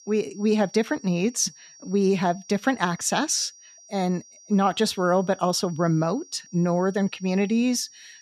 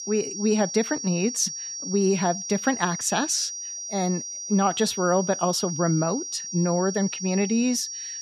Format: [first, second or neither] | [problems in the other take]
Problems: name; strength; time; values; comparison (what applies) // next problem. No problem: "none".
first | high-pitched whine; loud; throughout; 5.5 kHz, 6 dB below the speech; faint in the first